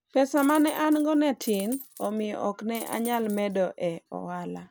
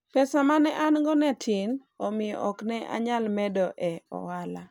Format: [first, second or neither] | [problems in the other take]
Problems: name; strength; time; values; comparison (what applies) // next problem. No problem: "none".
second | background sound (Coin (dropping)); 16 dB below the speech